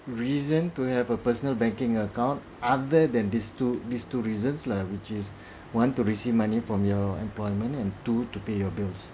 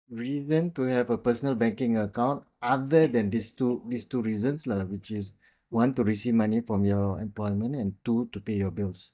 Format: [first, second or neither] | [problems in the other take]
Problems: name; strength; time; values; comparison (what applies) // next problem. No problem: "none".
first | noise reduction (neural mask model DeepFilterNet 3)